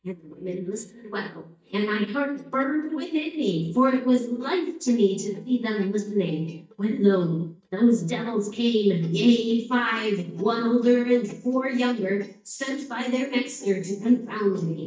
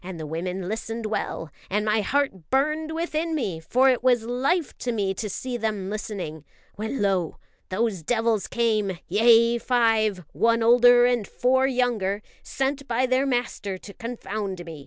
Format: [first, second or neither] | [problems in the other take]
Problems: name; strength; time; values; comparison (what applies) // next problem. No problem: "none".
second | noise reduction (neural mask model DeepFilterNet 3)